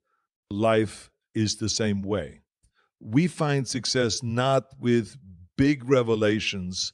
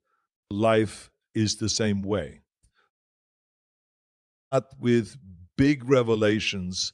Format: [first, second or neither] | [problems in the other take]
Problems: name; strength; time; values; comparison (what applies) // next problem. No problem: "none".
first | audio cutting out; at 3 s for 1.5 s